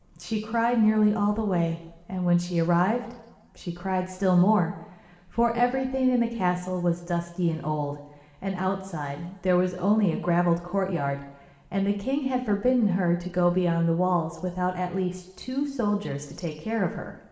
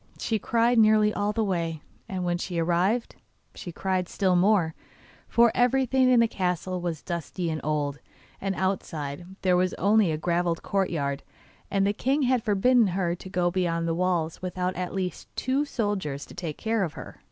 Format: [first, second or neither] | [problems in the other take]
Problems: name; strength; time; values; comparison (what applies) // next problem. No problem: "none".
second | room echo; dies away in 1 s